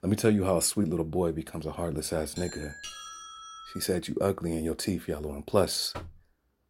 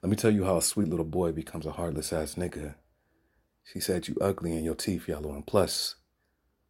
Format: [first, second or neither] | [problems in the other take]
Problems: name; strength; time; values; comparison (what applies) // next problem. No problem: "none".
second | doorbell; faint; from 2.5 to 4 s; peak 10 dB below the speech // door banging; faint; at 6 s; peak 15 dB below the speech